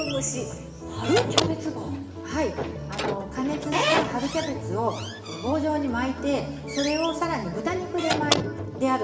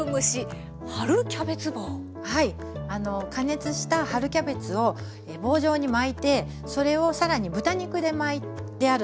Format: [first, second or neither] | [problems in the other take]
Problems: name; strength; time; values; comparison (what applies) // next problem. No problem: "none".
second | background sound (Squeak / Slam); 4 dB below the speech // room echo; dies away in 1.9 s